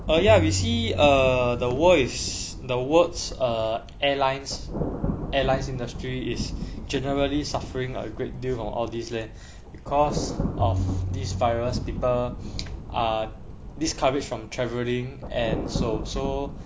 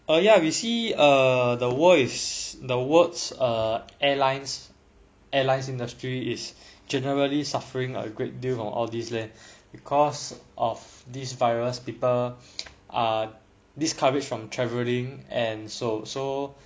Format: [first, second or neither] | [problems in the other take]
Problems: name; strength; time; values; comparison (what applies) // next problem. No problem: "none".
second | background sound (Tabla + Thunder); 5 dB below the speech